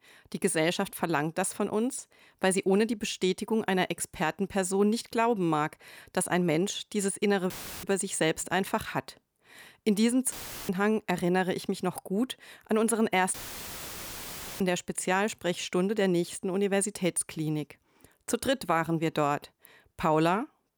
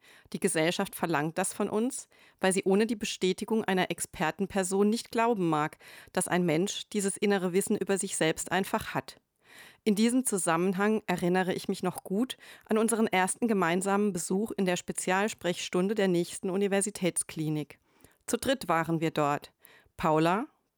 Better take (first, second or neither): second